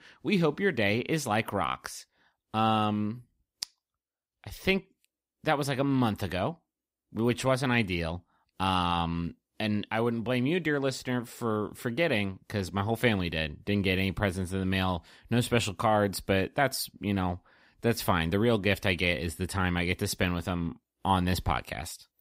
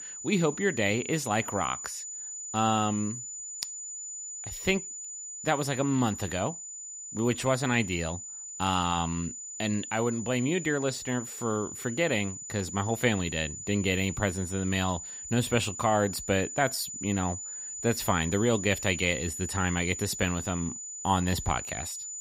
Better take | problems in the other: first | high-pitched whine; loud; throughout; 7 kHz, 8 dB below the speech

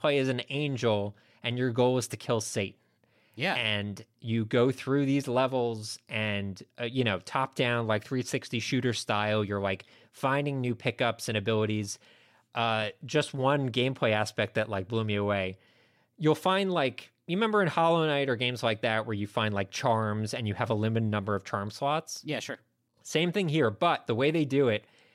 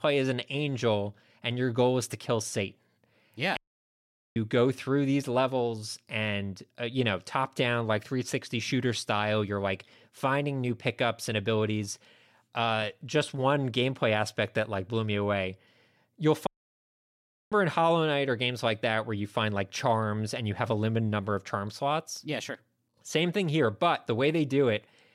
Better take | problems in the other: first | audio cutting out; at 3.5 s for 1 s and at 16 s for 1 s

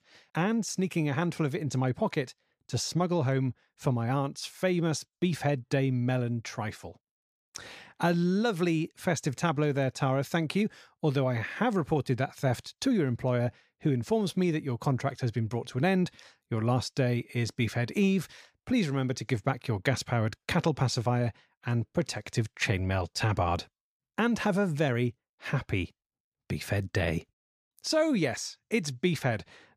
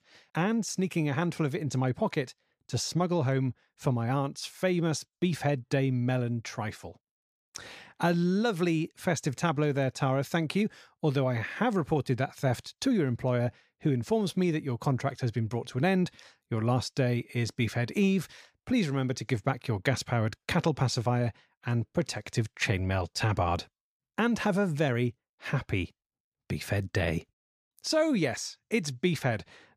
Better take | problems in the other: neither | none

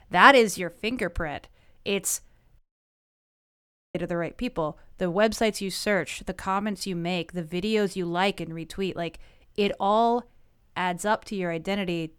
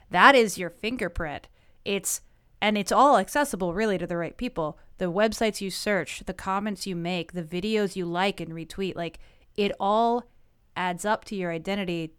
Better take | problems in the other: second | audio cutting out; at 2.5 s for 1.5 s

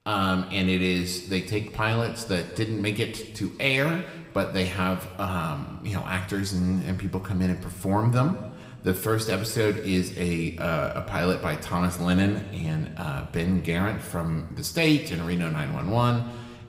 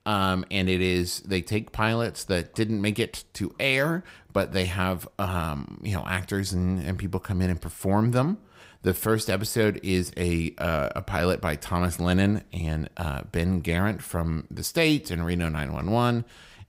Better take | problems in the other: second | room echo; slight; dies away in 1.4 s

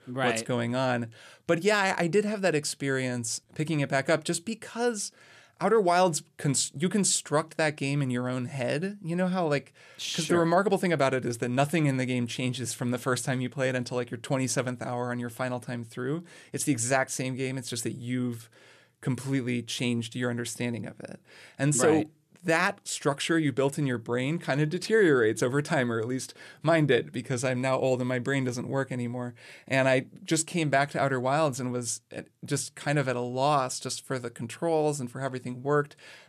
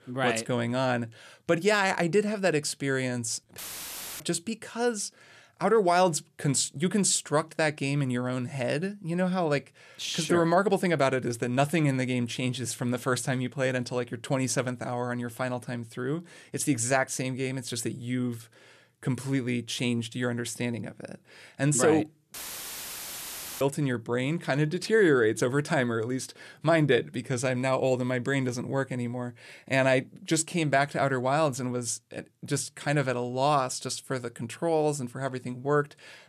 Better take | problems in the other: first | audio cutting out; filled with static; at 3.5 s for 0.5 s and at 22 s for 1.5 s

